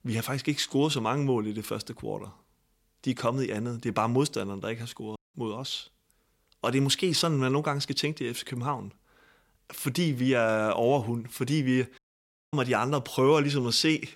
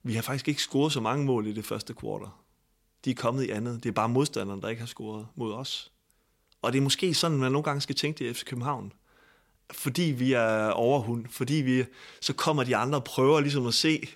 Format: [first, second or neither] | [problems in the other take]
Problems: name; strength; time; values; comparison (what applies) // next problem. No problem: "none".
second | audio cutting out; at 5 s and at 12 s for 0.5 s